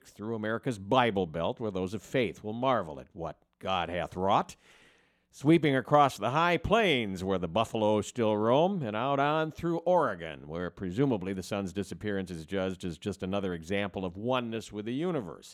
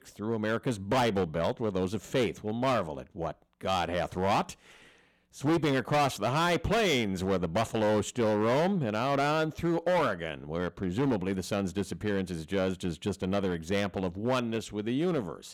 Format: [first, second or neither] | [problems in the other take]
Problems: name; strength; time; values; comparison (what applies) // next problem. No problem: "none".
first | distortion; heavy; 10% of the sound clipped